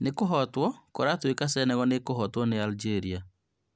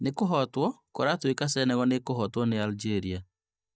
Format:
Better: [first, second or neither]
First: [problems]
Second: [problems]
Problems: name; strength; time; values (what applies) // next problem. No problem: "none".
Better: first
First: none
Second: noise reduction (neural mask model DeepFilterNet 3)